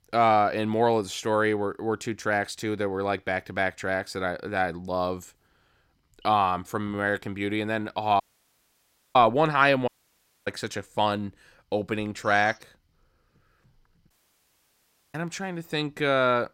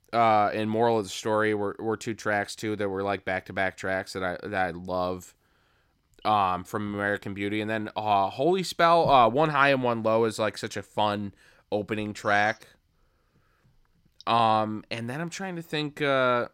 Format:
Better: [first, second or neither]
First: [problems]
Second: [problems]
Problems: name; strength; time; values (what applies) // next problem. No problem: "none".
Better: second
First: audio cutting out; at 8 s for 1 s, at 10 s for 0.5 s and at 14 s for 1 s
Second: none